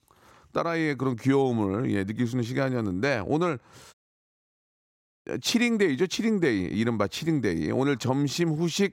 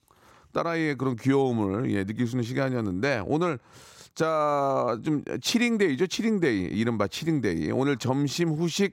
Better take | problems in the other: second | audio cutting out; at 4 s for 1.5 s

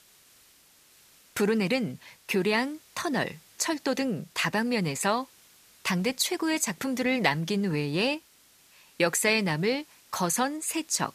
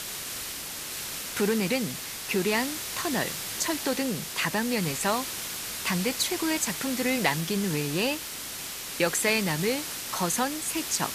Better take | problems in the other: first | hiss; loud; throughout; 4 dB below the speech; faint in the first

